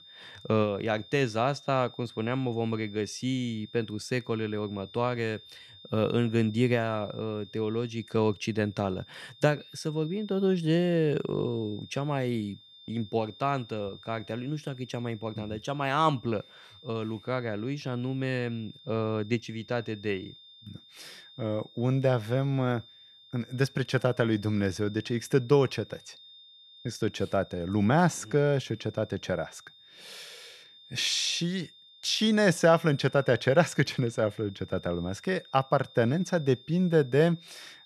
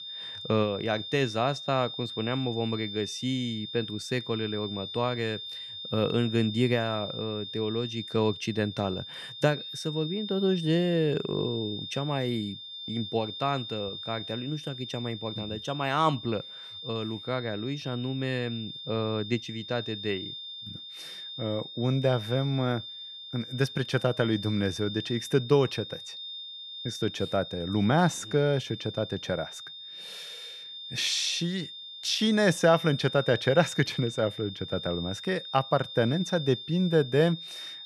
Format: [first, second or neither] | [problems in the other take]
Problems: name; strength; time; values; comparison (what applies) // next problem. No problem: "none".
first | high-pitched whine; loud; throughout; 3.5 kHz, 9 dB below the speech; faint in the first